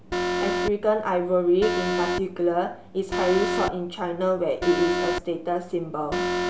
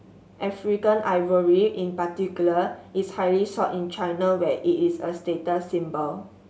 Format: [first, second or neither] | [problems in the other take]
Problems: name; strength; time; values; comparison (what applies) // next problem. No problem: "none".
second | background sound (Alarm); 3 dB below the speech